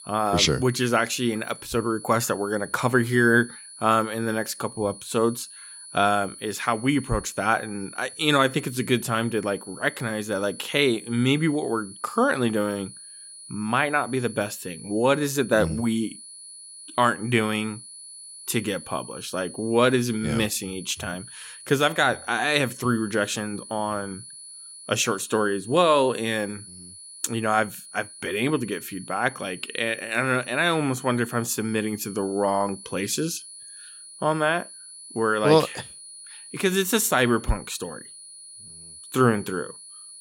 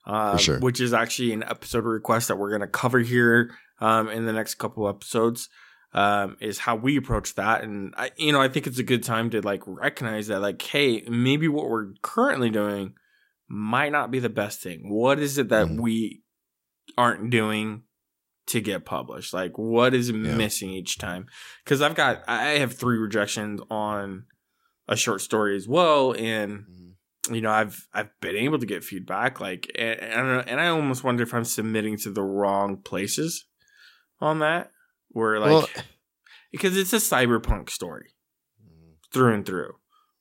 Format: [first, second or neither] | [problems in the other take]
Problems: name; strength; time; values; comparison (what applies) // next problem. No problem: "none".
second | high-pitched whine; noticeable; throughout; 10 kHz, 15 dB below the speech